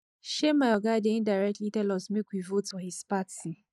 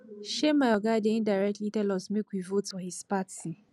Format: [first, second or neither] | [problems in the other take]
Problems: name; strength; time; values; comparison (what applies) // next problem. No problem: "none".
second | noise reduction (neural mask model Resemble Enhance denoiser)